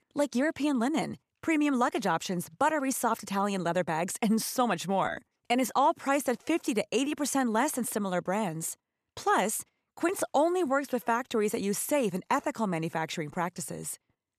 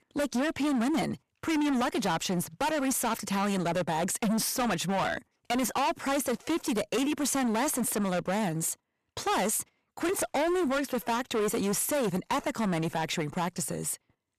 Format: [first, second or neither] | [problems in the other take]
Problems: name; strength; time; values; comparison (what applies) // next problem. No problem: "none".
first | distortion; heavy; 23% of the sound clipped